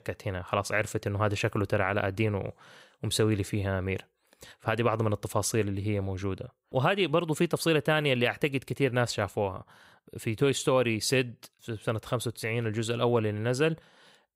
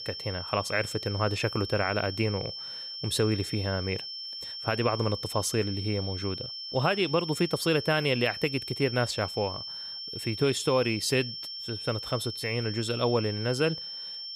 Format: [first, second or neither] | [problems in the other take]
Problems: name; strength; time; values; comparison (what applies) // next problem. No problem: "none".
first | high-pitched whine; loud; throughout; 5.5 kHz, 7 dB below the speech